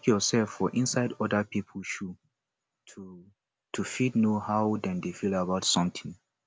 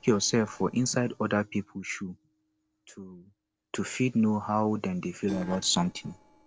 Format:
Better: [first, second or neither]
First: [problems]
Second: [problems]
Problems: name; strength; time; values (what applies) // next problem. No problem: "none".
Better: first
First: none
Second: noise reduction (neural separator model SepFormer DNS4)